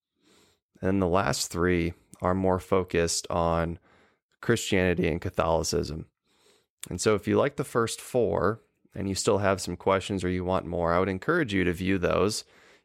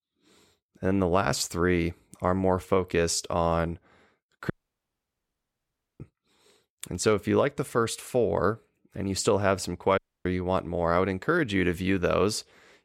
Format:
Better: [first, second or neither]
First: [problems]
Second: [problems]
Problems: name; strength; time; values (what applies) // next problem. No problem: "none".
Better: first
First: none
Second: audio cutting out; at 4.5 s for 1.5 s and at 10 s